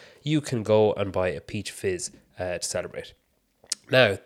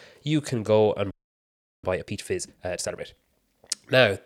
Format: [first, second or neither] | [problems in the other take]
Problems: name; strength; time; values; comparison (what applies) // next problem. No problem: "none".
first | audio freezing; at 1 s for 0.5 s